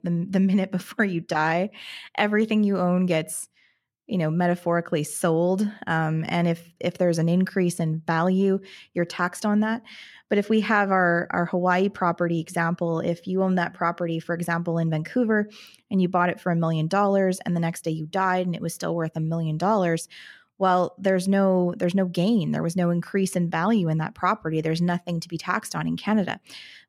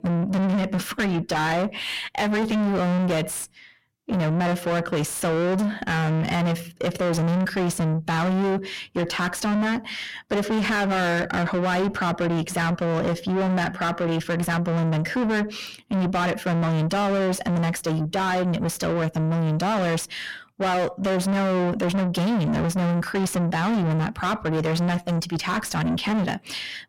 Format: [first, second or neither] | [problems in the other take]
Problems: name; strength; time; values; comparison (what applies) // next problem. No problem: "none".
first | distortion; heavy; 6 dB below the speech